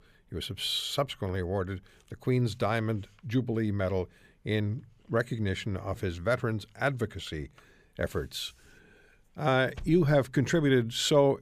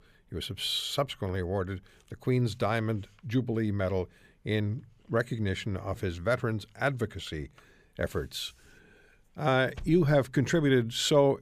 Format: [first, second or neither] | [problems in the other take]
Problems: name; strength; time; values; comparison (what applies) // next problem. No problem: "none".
neither | none